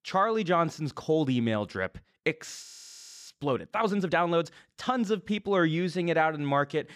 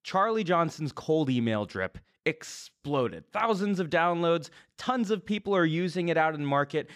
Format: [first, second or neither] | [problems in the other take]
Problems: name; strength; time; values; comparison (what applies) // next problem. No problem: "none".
second | audio freezing; at 2.5 s for 0.5 s